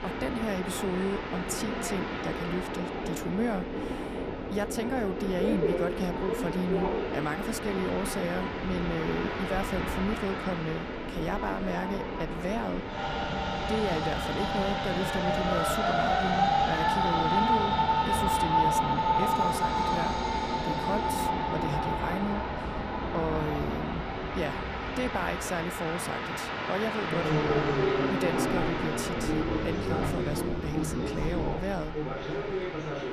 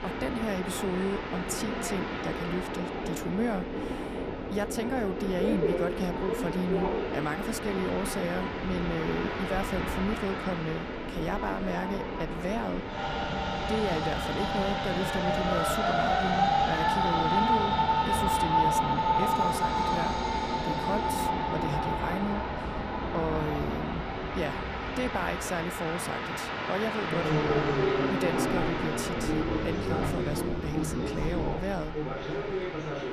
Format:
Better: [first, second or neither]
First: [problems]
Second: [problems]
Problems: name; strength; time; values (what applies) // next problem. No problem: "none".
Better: neither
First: train or aircraft noise; very loud; throughout; 4 dB above the speech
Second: train or aircraft noise; very loud; throughout; 4 dB above the speech